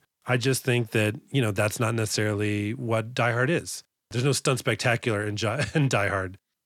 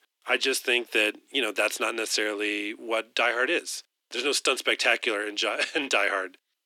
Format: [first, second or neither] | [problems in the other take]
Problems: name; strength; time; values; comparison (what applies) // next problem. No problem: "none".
first | thin; very; fading below 300 Hz